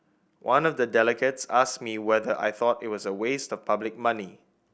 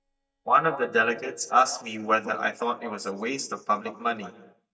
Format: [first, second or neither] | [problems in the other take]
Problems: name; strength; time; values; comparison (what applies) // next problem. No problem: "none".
first | noise reduction (neural mask model DeepFilterNet 3)